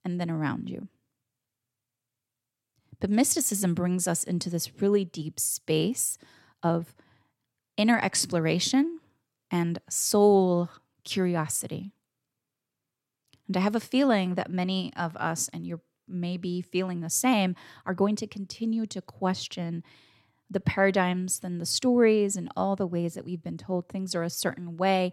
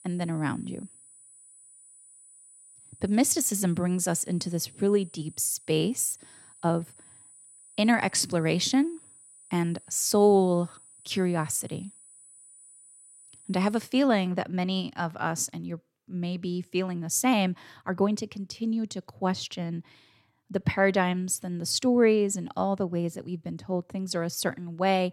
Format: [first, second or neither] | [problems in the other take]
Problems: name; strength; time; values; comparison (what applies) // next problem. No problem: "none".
first | high-pitched whine; faint; until 14 s; 9.5 kHz, 25 dB below the speech